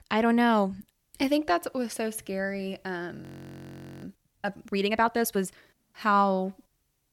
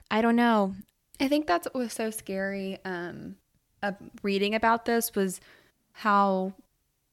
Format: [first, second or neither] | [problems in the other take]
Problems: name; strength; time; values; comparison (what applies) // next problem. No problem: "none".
second | audio freezing; at 3 s for 1 s